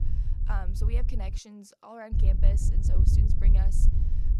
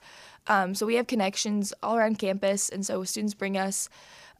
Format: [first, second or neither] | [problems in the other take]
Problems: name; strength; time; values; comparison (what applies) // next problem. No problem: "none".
second | wind noise on the microphone; heavy; until 1.5 s and from 2 s on; 2 dB below the speech